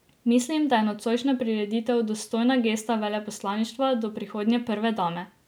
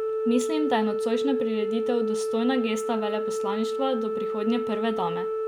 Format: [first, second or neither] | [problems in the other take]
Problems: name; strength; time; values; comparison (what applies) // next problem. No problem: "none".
first | background sound (Organ); as loud as the speech